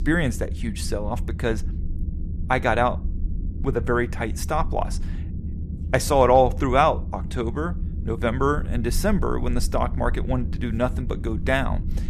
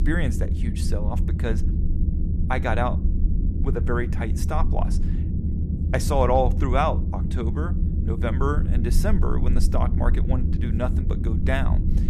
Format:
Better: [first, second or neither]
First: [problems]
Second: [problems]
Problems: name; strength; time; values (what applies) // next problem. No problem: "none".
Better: first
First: low rumble; faint; throughout; 20 dB below the speech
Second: low rumble; loud; throughout; 10 dB below the speech